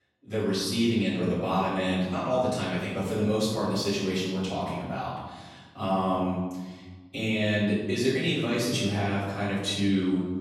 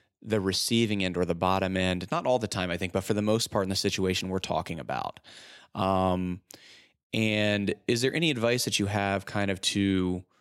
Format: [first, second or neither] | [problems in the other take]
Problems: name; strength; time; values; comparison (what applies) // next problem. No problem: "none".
second | room echo; strong; dies away in 1.3 s // off-mic speech; far